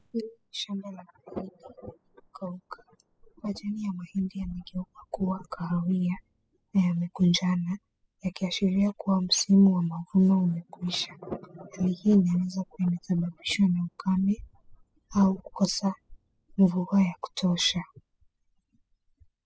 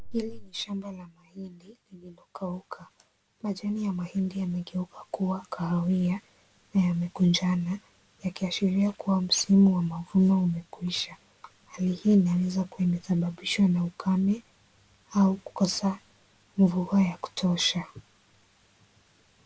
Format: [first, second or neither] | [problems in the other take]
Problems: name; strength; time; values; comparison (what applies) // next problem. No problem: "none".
second | noise reduction (classical method spectral subtraction)